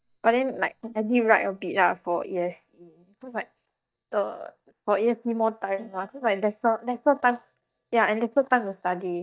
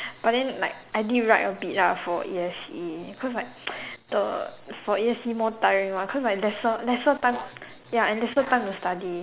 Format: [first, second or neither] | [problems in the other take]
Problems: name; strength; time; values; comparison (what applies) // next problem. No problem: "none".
second | noise reduction (neural mask model DeepFilterNet 3)